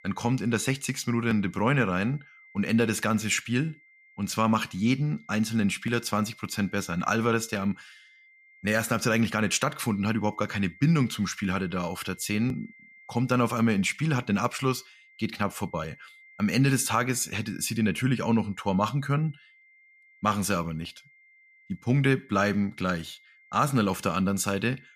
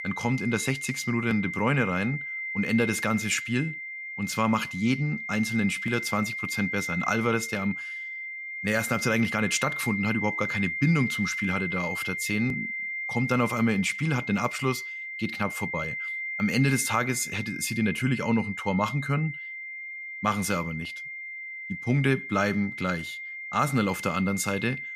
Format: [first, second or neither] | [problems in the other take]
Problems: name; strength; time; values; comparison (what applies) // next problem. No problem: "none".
first | high-pitched whine; loud; throughout; 2 kHz, 5 dB below the speech; faint in the first